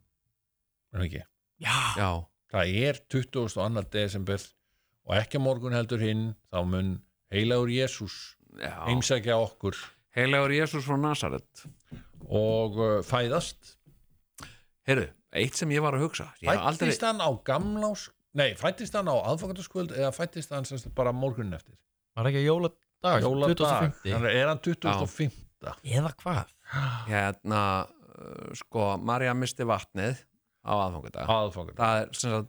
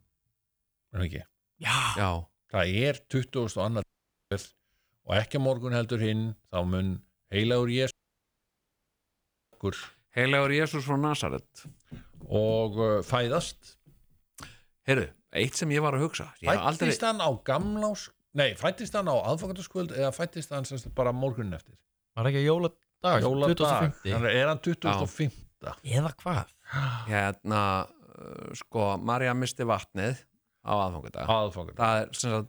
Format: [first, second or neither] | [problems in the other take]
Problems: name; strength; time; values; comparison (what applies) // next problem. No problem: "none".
first | audio cutting out; at 4 s and at 8 s for 1.5 s